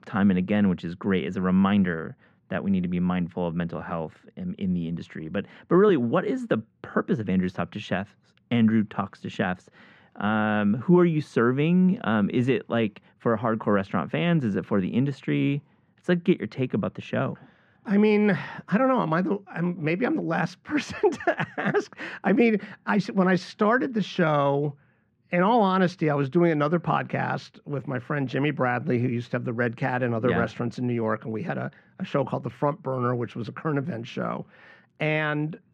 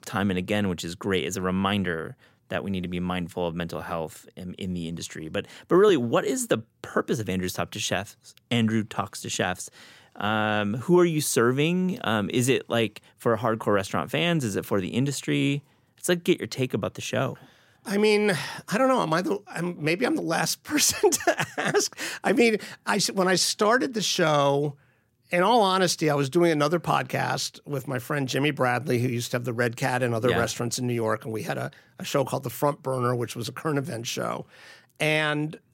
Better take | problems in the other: second | muffled; very; fading above 2 kHz

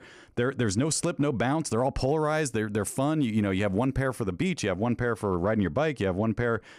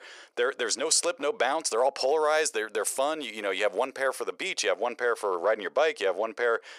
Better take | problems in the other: first | thin; very; fading below 500 Hz

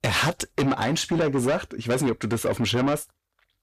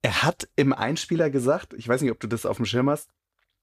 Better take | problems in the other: second | distortion; heavy; 7 dB below the speech

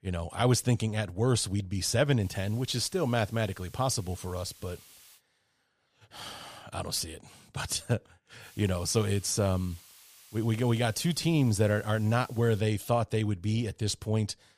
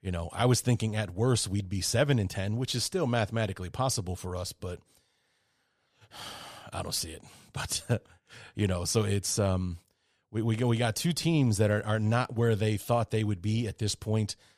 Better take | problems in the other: second | hiss; faint; from 2 to 5 s and from 8.5 to 13 s; 25 dB below the speech

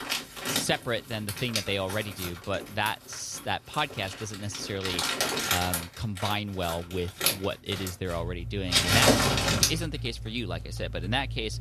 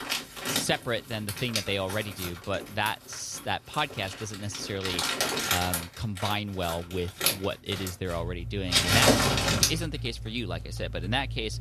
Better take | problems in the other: neither | household noises; very loud; throughout; 4 dB above the speech; the same in both

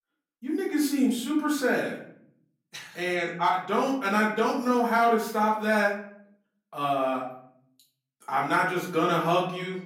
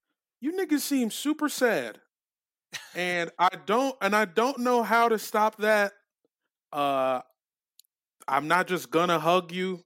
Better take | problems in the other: second | room echo; slight; dies away in 0.7 s // off-mic speech; far

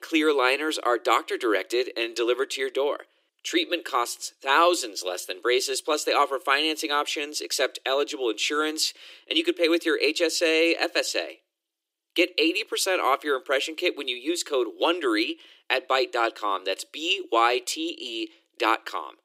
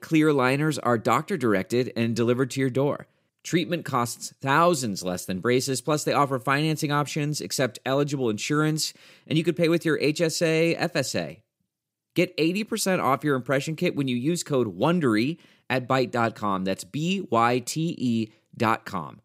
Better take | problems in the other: second | thin; very; fading below 300 Hz

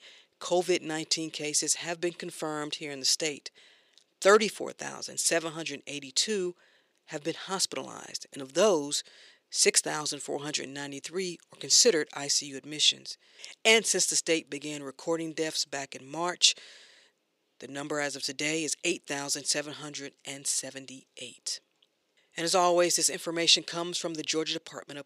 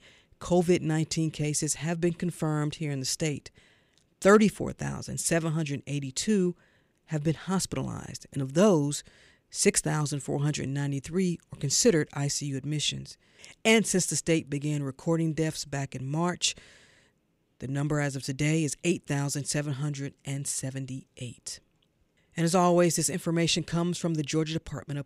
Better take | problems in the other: second | thin; somewhat; fading below 450 Hz

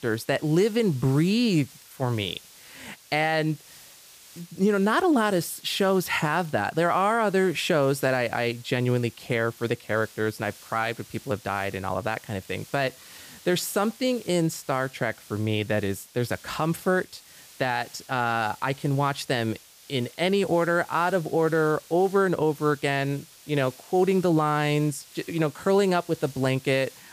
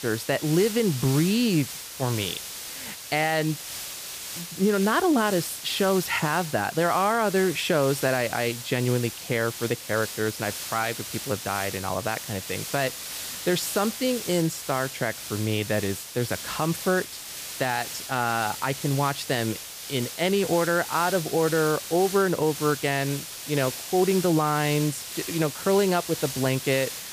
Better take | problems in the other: first | hiss; loud; throughout; 8 dB below the speech; faint in the first

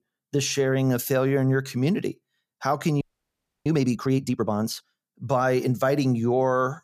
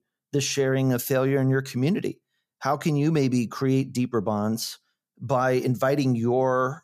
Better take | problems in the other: second | audio freezing; at 3 s for 0.5 s

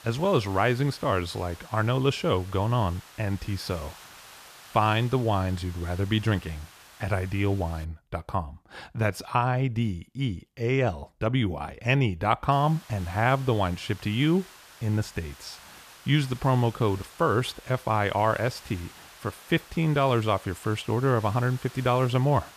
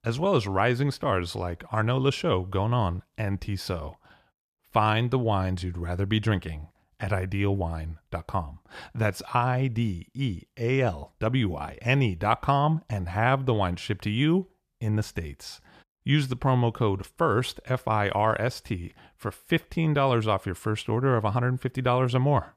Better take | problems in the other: second | hiss; faint; until 8 s and from 13 s on; 20 dB below the speech

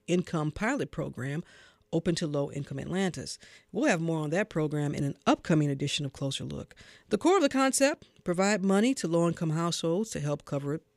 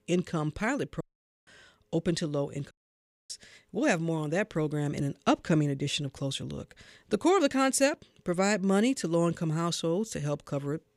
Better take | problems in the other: first | audio cutting out; at 1 s and at 2.5 s for 0.5 s

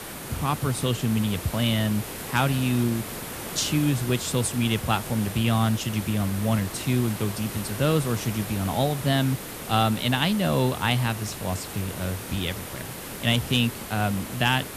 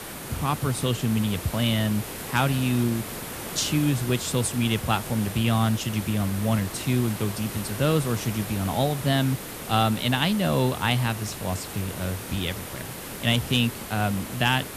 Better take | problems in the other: neither | hiss; loud; throughout; 9 dB below the speech; the same in both

